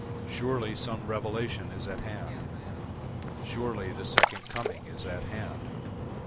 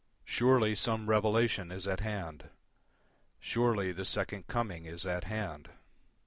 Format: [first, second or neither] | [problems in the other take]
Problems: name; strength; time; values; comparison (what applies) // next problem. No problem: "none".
second | background sound (Splash, splatter); 3 dB above the speech